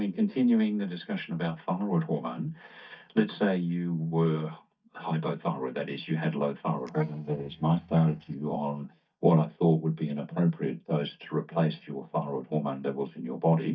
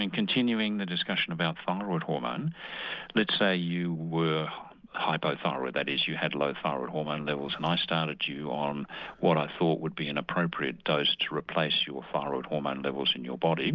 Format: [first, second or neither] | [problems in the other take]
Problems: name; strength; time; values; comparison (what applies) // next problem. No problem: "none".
second | noise reduction (neural mask model DeepFilterNet 3)